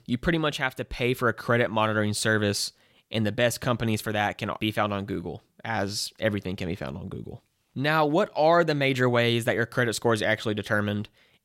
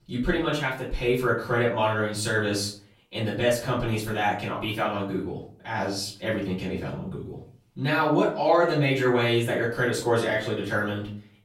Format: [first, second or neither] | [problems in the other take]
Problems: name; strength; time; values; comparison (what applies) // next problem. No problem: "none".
first | room echo; slight; dies away in 0.4 s // off-mic speech; far